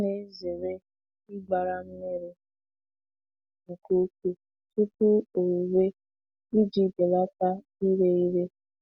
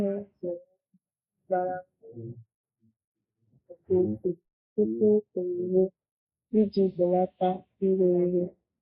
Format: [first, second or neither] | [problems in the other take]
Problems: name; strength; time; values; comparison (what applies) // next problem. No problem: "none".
first | noise reduction (neural mask model Resemble Enhance denoiser)